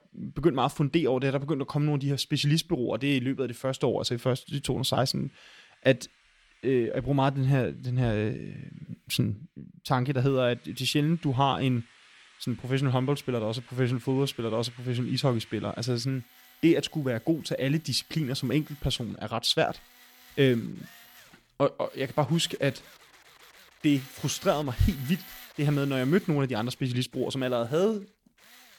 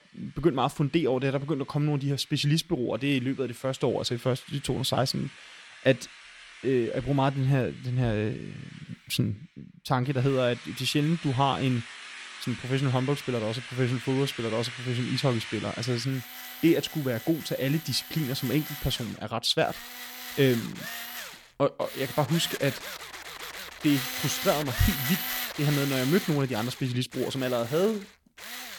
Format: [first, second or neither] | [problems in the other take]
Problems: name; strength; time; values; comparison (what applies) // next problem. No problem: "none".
first | machinery noise; loud; throughout; 9 dB below the speech; faint in the first